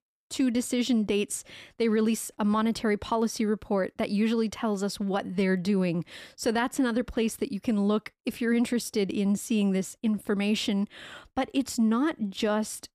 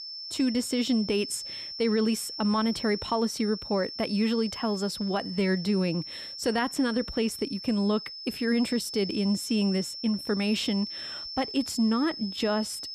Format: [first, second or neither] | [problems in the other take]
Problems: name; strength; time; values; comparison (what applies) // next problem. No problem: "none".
first | high-pitched whine; loud; throughout; 5.5 kHz, 8 dB below the speech